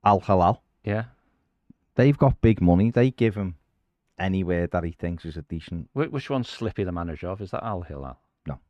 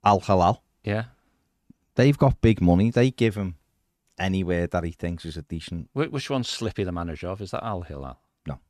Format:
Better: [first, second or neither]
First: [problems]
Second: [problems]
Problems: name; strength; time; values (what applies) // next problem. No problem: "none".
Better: second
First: muffled; slightly; fading above 3.5 kHz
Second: none